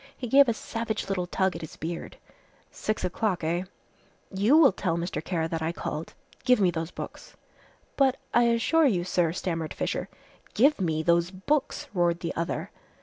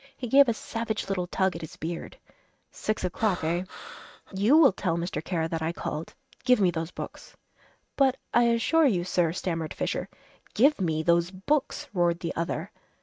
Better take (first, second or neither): first